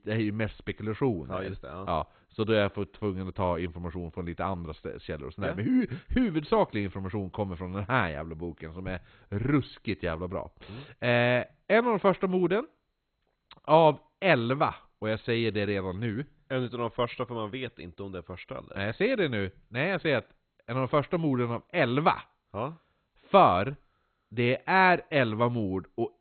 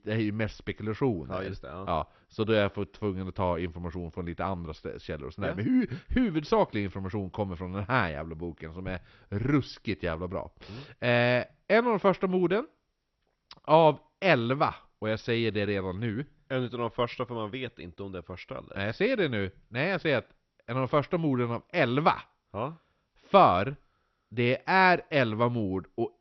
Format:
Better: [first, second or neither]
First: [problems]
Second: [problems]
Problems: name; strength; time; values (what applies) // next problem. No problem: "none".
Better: second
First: garbled, watery; badly; nothing above 4 kHz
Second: garbled, watery; slightly; nothing above 5.5 kHz